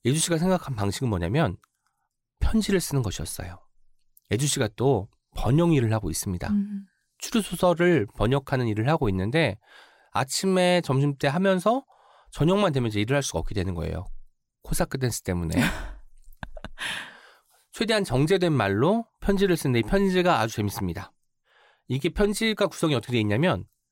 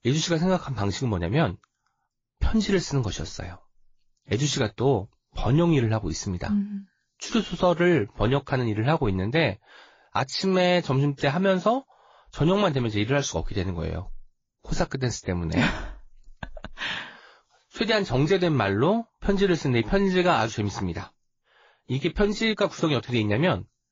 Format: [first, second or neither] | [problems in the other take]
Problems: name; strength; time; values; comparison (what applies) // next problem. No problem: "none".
first | garbled, watery; slightly